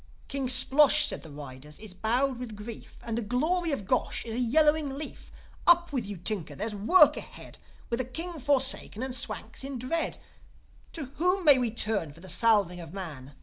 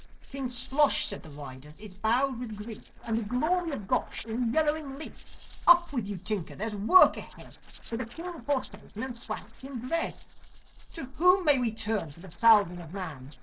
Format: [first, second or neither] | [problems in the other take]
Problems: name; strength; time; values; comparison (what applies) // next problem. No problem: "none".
first | noise reduction (neural separator model SepFormer DNS4)